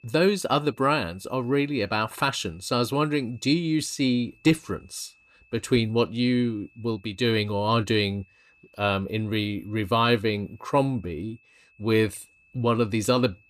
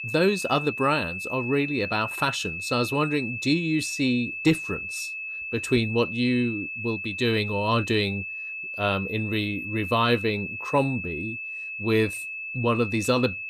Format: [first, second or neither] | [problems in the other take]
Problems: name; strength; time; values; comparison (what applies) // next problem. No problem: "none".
first | high-pitched whine; loud; throughout; 2.5 kHz, 6 dB below the speech; faint in the first